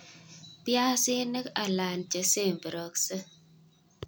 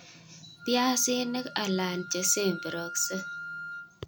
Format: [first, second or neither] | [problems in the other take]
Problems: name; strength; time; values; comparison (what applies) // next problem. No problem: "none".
first | background sound (Wind instrument, woodwind instrument); 12 dB below the speech